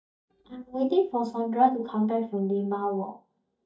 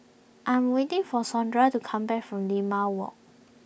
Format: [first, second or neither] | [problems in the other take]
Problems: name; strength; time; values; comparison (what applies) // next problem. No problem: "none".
second | noise reduction (neural mask model DeepFilterNet 3)